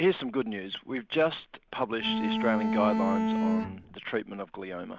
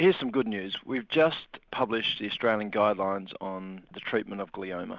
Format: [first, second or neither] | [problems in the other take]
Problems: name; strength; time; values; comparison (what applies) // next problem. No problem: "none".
second | background sound (Bowed string instrument); 3 dB above the speech